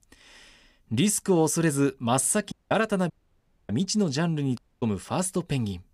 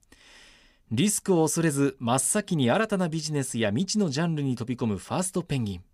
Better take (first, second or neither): second